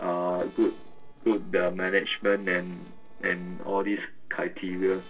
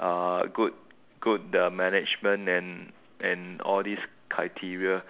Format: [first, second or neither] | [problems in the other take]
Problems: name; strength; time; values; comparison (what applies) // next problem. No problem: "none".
second | noise reduction (neural separator model SepFormer DNS4)